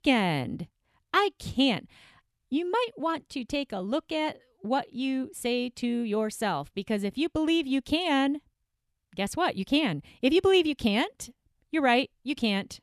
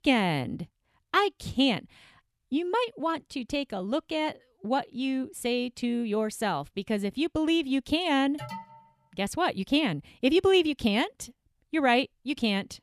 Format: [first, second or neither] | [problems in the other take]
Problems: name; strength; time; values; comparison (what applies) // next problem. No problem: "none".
first | alarm; faint; at 8.5 s; peak 10 dB below the speech